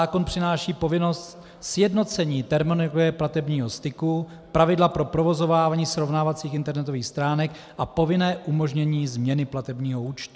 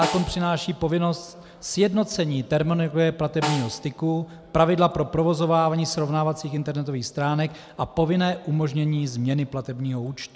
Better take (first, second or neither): first